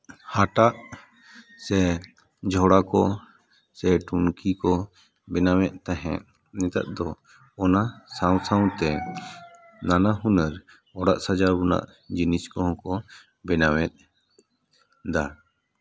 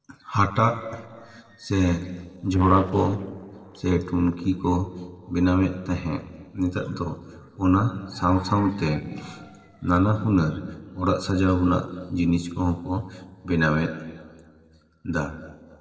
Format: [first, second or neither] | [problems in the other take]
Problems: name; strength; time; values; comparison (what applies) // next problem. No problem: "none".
first | noise reduction (neural separator model SepFormer DNS4)